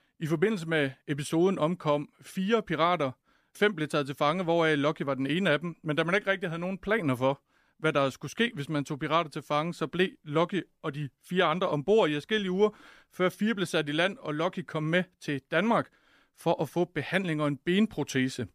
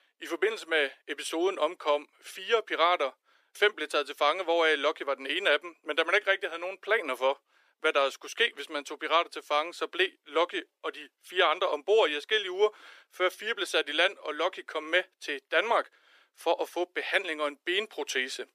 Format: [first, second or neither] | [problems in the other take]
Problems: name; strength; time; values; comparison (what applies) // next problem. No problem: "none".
first | thin; very; fading below 350 Hz